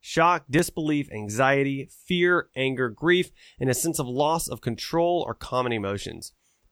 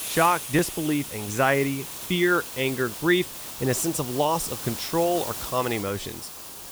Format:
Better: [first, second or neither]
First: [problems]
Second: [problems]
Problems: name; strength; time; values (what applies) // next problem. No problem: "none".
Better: first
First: none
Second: hiss; loud; throughout; 8 dB below the speech